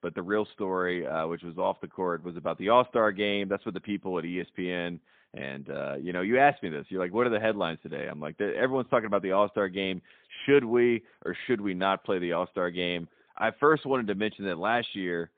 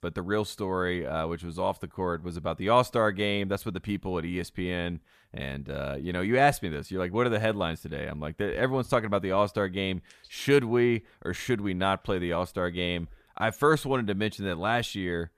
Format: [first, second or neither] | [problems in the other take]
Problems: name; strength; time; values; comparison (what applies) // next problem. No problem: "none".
second | phone-call audio; poor line